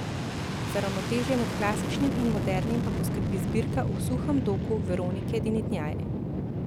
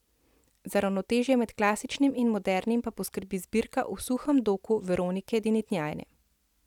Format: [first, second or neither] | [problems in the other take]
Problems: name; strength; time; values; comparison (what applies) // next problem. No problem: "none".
second | background sound (Fixed-wing aircraft, airplane); 2 dB above the speech